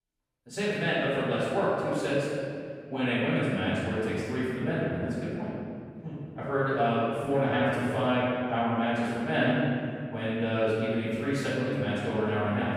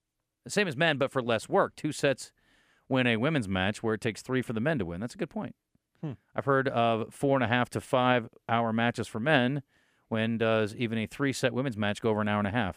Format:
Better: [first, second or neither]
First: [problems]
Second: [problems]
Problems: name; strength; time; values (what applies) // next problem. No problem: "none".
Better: second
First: room echo; strong; dies away in 2.3 s // off-mic speech; far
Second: none